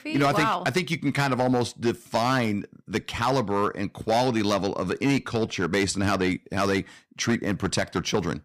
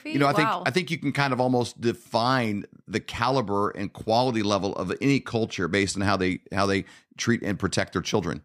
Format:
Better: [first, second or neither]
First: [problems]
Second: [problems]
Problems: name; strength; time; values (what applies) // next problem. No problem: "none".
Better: second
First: distortion; slight; 5% of the sound clipped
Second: none